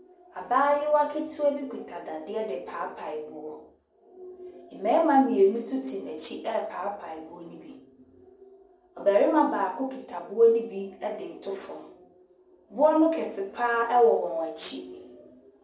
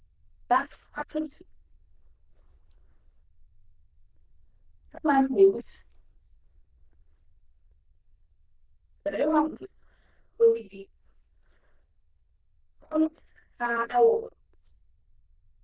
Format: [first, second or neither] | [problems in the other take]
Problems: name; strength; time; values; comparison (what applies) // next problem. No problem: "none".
first | noise reduction (neural diffusion model UNIVERSE++)